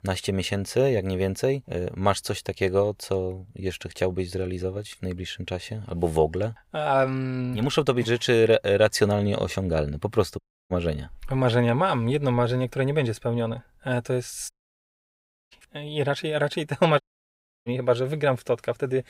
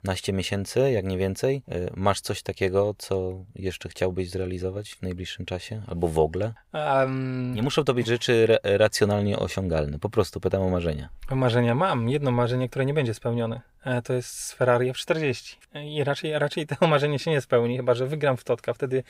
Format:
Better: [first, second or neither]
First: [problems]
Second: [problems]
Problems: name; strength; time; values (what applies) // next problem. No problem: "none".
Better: second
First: audio cutting out; at 10 s, at 15 s for 1 s and at 17 s for 0.5 s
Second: none